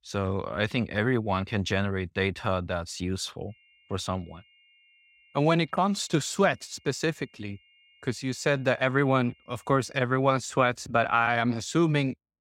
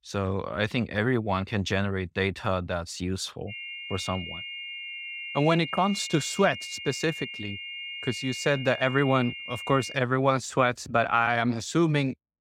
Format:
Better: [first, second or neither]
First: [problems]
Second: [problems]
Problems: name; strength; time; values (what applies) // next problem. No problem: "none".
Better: first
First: high-pitched whine; faint; from 3.5 to 10 s; 3 kHz, 30 dB below the speech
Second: high-pitched whine; loud; from 3.5 to 10 s; 3 kHz, 9 dB below the speech